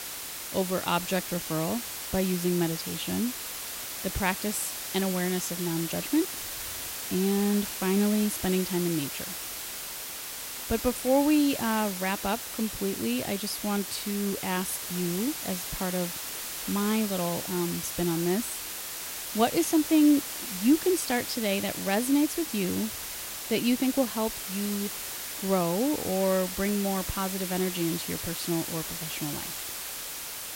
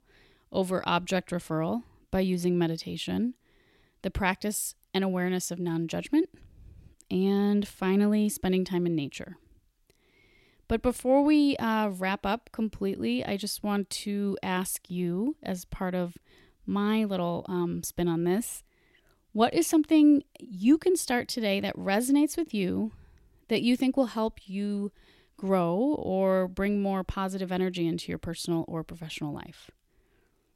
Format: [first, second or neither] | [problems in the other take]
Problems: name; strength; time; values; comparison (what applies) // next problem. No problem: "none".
second | hiss; loud; throughout; 5 dB below the speech